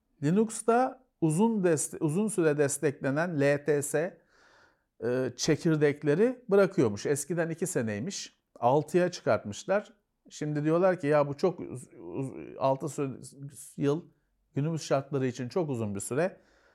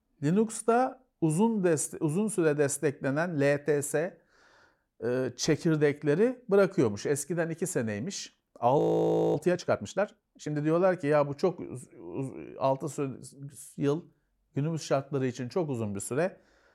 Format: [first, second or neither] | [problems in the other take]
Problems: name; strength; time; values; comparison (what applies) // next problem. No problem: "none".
first | audio freezing; at 9 s for 0.5 s